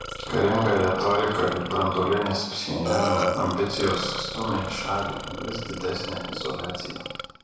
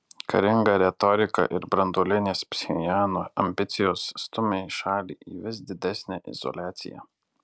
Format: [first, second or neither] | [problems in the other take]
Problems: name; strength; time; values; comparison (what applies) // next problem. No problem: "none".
second | background sound (Burping, eructation); 7 dB below the speech // room echo; dies away in 1.1 s